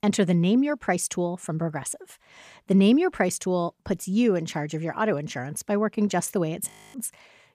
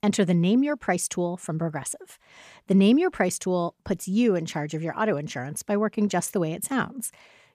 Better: second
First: audio freezing; at 6.5 s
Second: none

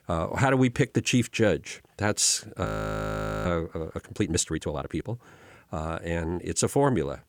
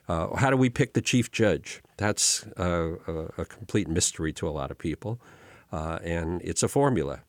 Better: second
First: audio freezing; at 2.5 s for 1 s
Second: none

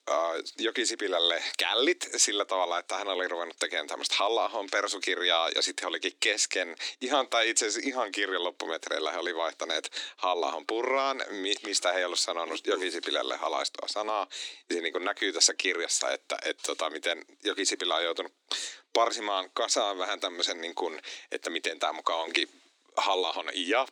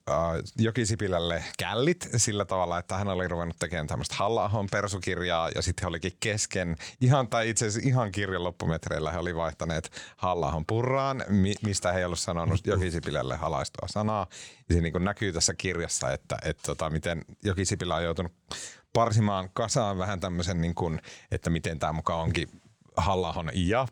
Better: second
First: thin; very; fading below 300 Hz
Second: none

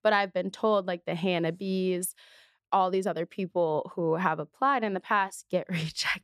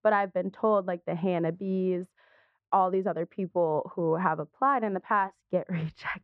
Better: first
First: none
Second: muffled; very; fading above 1.5 kHz

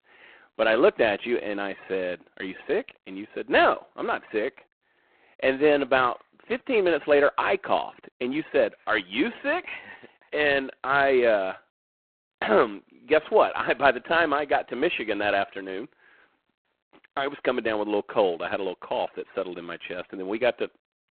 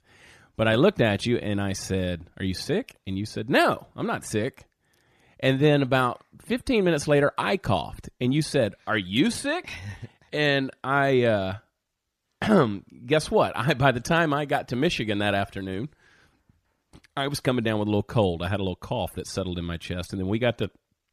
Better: second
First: phone-call audio; poor line; nothing above 4 kHz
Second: none

